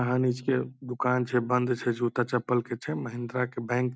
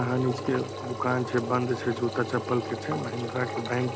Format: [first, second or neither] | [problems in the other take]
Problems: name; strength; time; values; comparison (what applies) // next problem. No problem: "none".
first | background sound (Engine); 6 dB below the speech